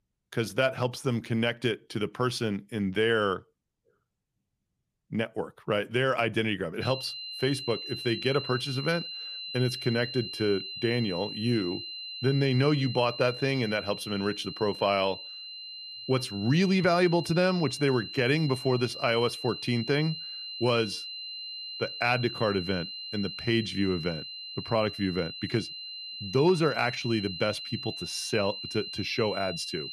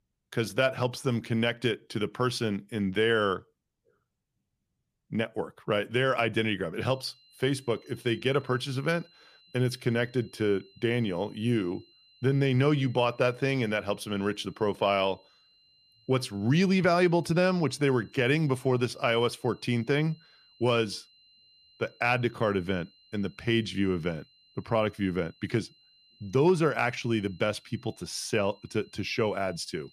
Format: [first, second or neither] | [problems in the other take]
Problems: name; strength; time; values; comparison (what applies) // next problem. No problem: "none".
second | high-pitched whine; loud; from 7 s on; 4 kHz, 8 dB below the speech; faint in the second